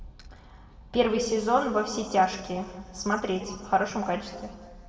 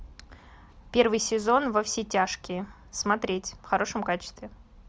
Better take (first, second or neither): second